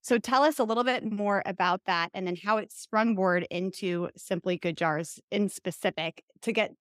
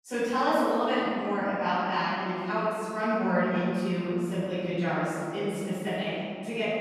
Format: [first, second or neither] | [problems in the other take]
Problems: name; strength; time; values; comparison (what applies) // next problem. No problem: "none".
first | off-mic speech; far // room echo; strong; dies away in 2.9 s